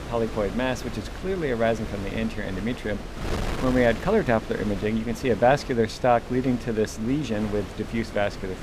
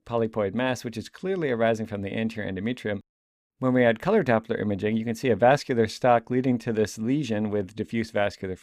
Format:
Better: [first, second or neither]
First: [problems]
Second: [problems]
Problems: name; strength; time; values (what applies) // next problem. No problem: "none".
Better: second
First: wind noise on the microphone; occasional gusts; 10 dB below the speech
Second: none